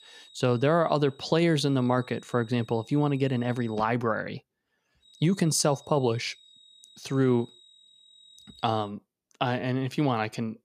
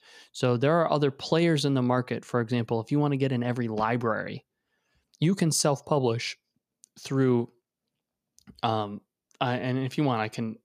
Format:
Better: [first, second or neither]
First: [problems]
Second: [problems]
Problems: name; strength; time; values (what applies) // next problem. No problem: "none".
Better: second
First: high-pitched whine; faint; until 4 s and from 5 to 9 s; 4 kHz, 25 dB below the speech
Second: none